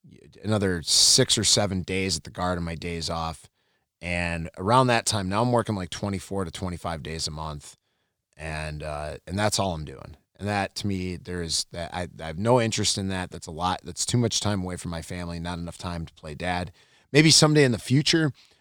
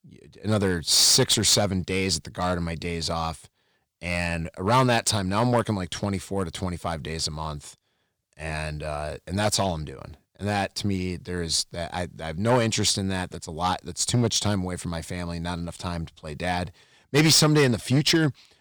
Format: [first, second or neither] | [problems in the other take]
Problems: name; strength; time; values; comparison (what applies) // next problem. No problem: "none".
first | distortion; slight; 3% of the sound clipped